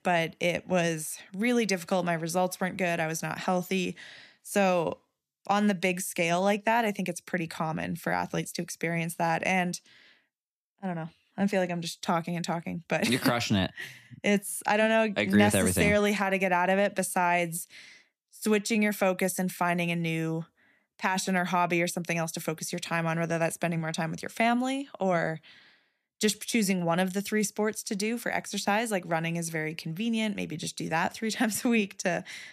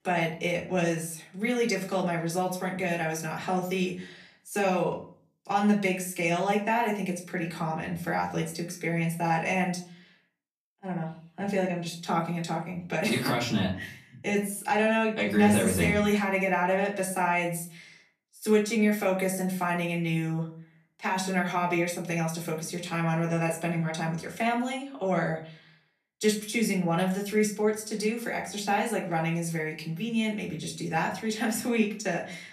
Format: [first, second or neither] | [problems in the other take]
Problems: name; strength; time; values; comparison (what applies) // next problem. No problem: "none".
first | off-mic speech; far // room echo; slight; dies away in 0.4 s